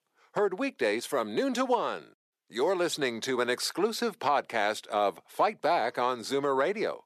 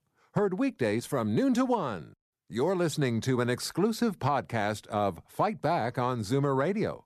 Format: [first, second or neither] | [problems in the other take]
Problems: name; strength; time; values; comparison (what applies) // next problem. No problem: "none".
second | thin; somewhat; fading below 400 Hz